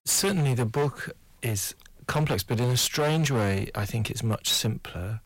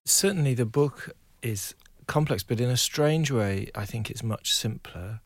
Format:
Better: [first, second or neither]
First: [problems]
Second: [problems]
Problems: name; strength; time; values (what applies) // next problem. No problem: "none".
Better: second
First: distortion; heavy; 17% of the sound clipped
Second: none